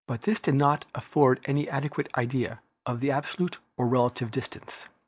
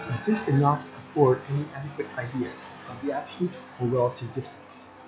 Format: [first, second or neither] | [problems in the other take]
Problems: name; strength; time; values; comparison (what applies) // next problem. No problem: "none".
first | noise reduction (classical method log-MMSE)